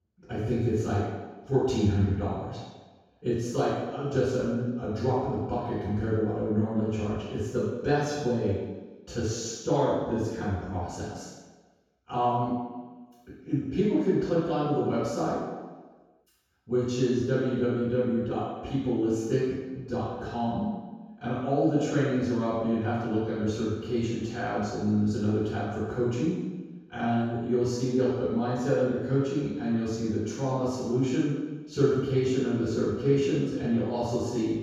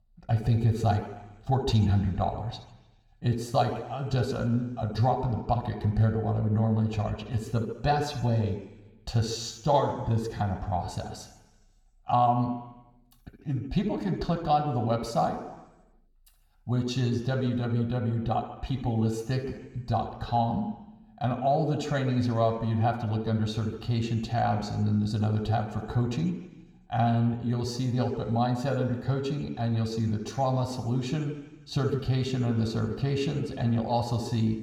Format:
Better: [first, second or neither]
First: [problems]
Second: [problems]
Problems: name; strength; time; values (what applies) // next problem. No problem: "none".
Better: second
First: room echo; strong; dies away in 1.2 s // off-mic speech; far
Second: room echo; slight; dies away in 1 s